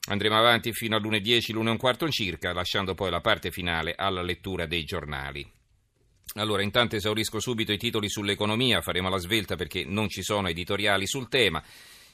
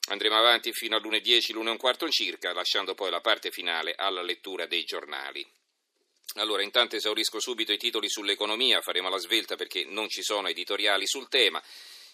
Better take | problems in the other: first | thin; somewhat; fading below 300 Hz

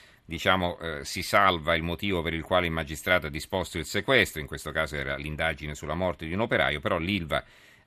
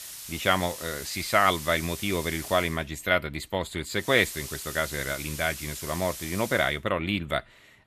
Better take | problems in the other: first | hiss; loud; until 2.5 s and from 4 to 6.5 s; 10 dB below the speech

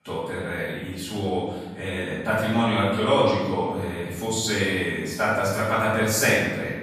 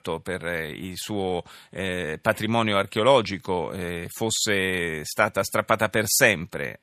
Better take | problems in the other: second | off-mic speech; far // room echo; strong; dies away in 1.3 s

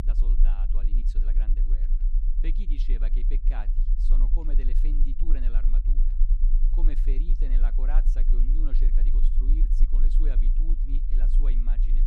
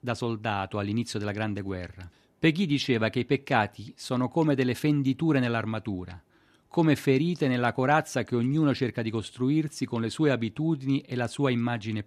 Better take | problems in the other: second | low rumble; loud; throughout; 5 dB below the speech

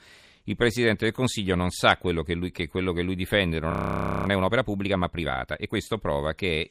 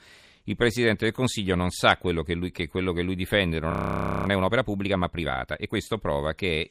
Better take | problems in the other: neither | audio freezing; at 3.5 s for 0.5 s; the same in both

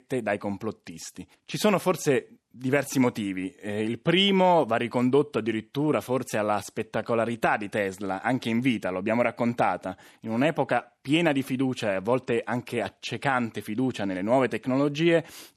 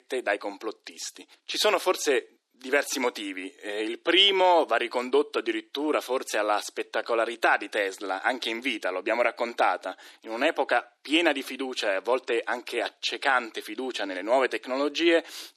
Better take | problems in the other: first | thin; somewhat; fading below 300 Hz

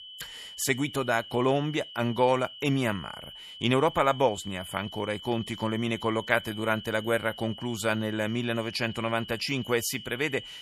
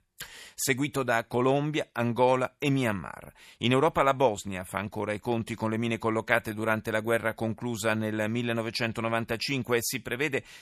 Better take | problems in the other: second | high-pitched whine; noticeable; throughout; 3 kHz, 15 dB below the speech

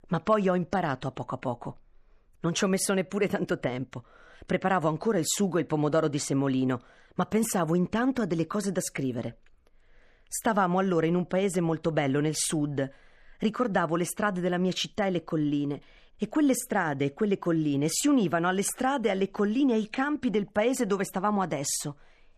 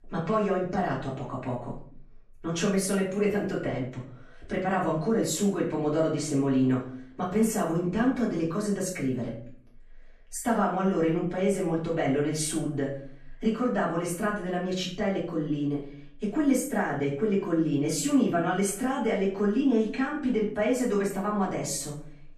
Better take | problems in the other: first | off-mic speech; far // room echo; noticeable; dies away in 0.4 s

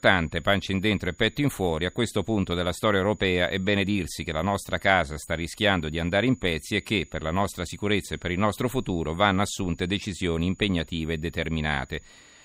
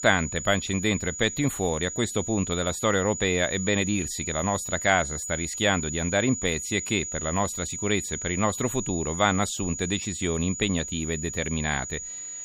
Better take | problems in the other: first | high-pitched whine; loud; throughout; 7 kHz, 6 dB below the speech; faint in the first

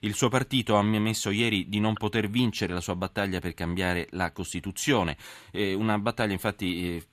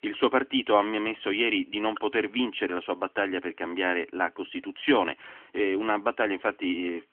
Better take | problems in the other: first | phone-call audio; nothing above 3.5 kHz

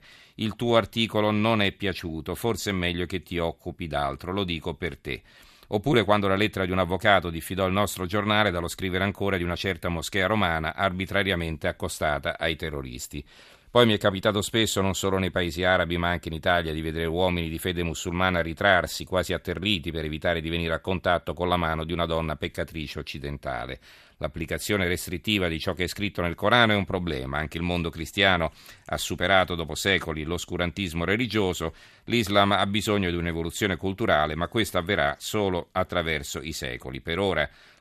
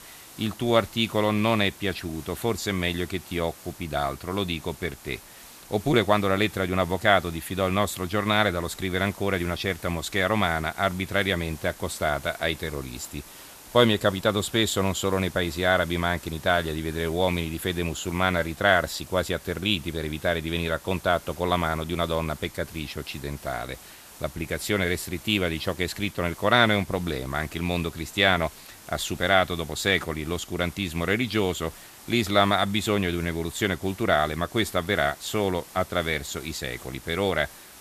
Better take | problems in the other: first | hiss; noticeable; throughout; 20 dB below the speech

